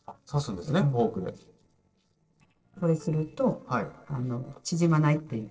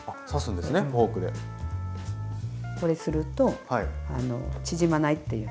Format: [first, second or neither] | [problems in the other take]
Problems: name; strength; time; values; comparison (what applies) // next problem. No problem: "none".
second | noise reduction (neural separator model SepFormer DNS4)